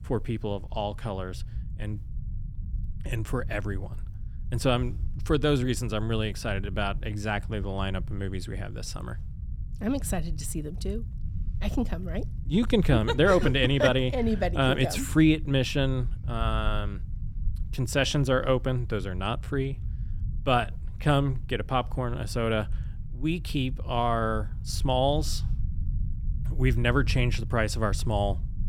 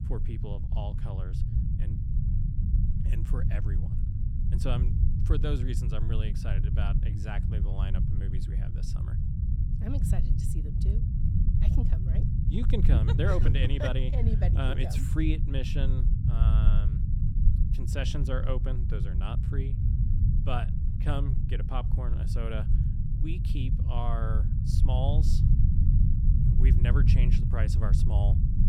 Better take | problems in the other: first | low rumble; loud; throughout; 3 dB below the speech; faint in the first

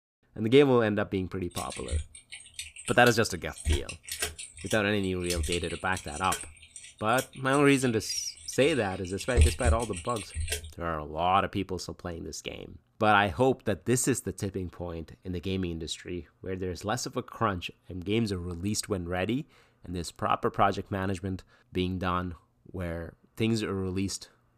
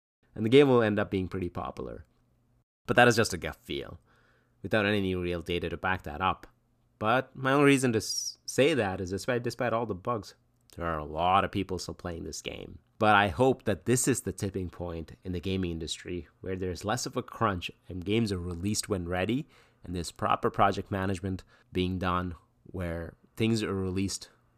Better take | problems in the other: second | keyboard typing; loud; from 2 to 11 s; peak 4 dB above the speech

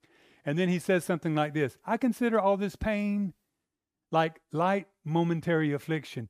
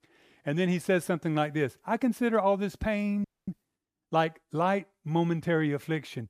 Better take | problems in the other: first | audio freezing; at 3 s

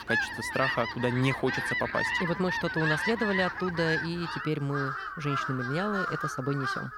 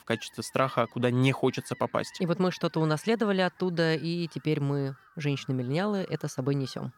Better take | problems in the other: second | animal sounds; loud; throughout; 1 dB below the speech; faint in the second

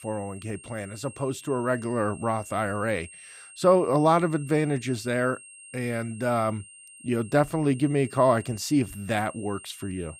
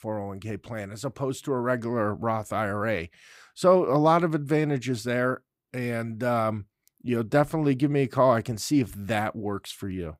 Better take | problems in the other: second | high-pitched whine; noticeable; throughout; 8.5 kHz, 20 dB below the speech

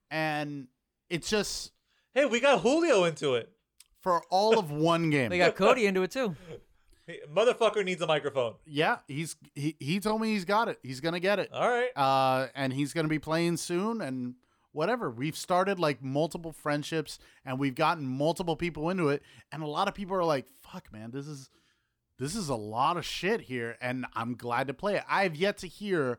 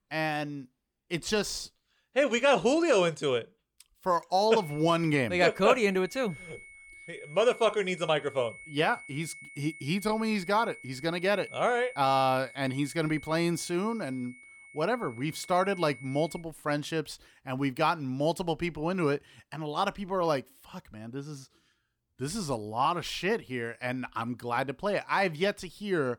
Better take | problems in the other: first | high-pitched whine; noticeable; from 4.5 to 16 s; 2 kHz, 15 dB below the speech

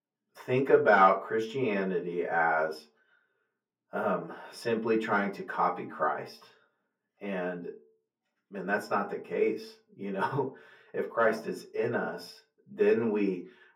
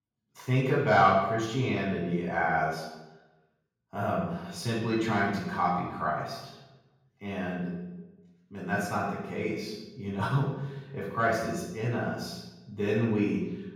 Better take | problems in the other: first | room echo; strong; dies away in 1.3 s; slight in the first // off-mic speech; far; far in the first

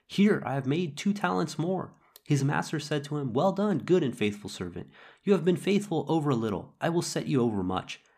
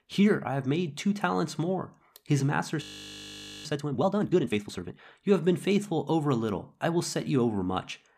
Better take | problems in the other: first | audio freezing; at 3 s for 1 s

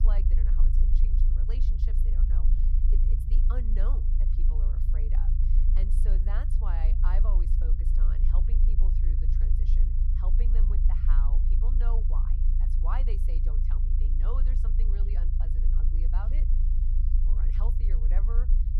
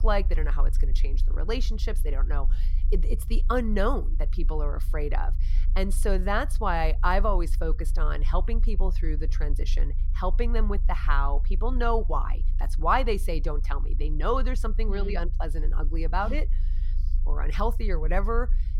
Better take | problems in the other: second | low rumble; loud; throughout; 2 dB below the speech; faint in the second

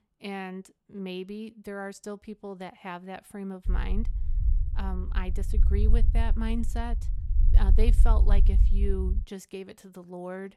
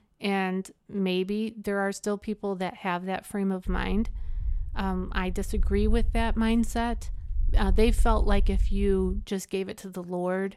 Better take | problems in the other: second | low rumble; loud; from 3.5 to 9 s; 10 dB below the speech; faint in the second

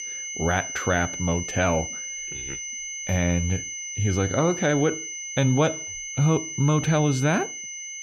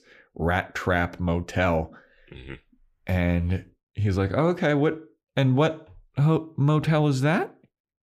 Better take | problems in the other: second | high-pitched whine; loud; throughout; 6 kHz, 7 dB below the speech

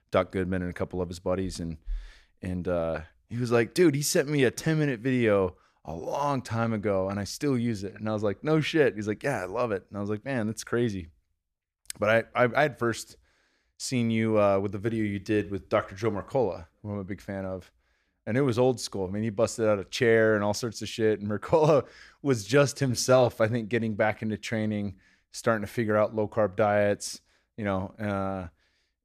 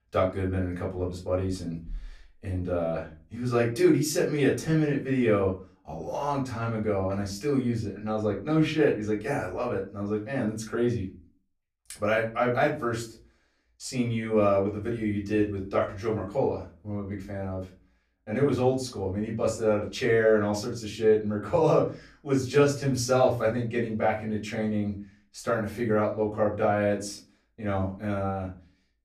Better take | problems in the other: first | off-mic speech; far // room echo; slight; dies away in 0.3 s

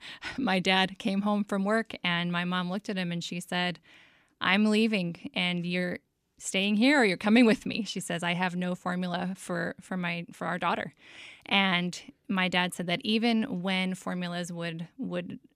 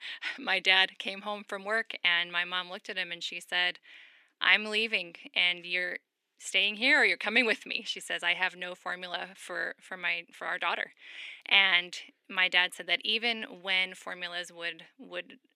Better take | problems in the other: first | thin; very; fading below 350 Hz

